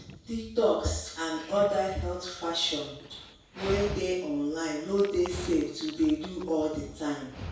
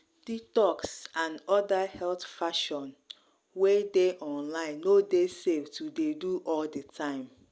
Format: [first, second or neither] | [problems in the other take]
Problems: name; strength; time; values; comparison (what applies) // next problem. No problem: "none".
second | background sound (Dog); 14 dB below the speech // room echo; dies away in 0.6 s